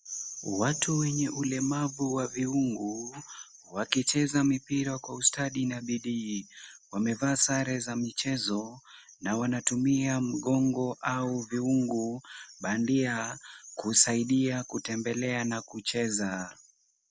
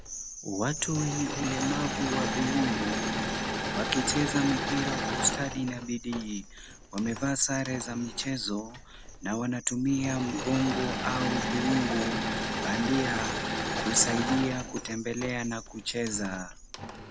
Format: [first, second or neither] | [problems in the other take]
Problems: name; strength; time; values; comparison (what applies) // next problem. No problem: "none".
first | background sound (Engine / Mechanisms); 3 dB below the speech